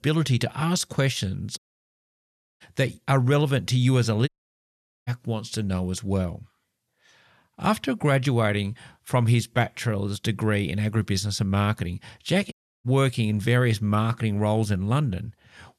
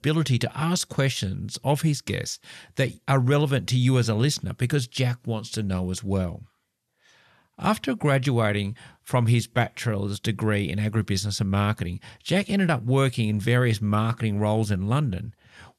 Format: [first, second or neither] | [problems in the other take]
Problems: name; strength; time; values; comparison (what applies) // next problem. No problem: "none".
second | audio cutting out; at 1.5 s for 1 s, at 4.5 s for 1 s and at 13 s